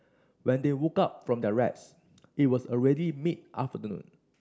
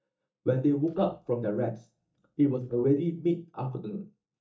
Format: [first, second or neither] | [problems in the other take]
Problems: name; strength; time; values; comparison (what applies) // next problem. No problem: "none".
first | noise reduction (neural mask model DeepFilterNet 3)